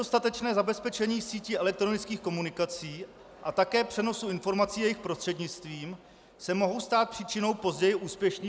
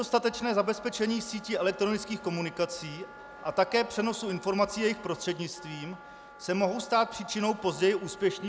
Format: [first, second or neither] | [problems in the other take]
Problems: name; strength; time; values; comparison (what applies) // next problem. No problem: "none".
first | background sound (Wind instrument, woodwind instrument); 19 dB below the speech